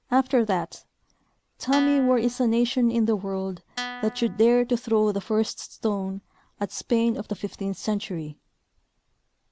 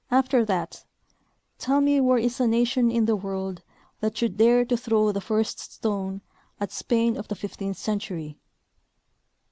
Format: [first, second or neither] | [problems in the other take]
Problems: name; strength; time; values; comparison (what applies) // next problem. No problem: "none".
second | background sound (Guitar); 12 dB below the speech